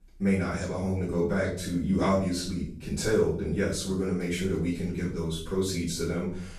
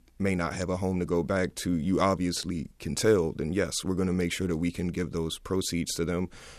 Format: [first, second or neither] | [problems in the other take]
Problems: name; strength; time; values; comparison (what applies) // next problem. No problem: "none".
second | off-mic speech; far // room echo; noticeable; dies away in 0.5 s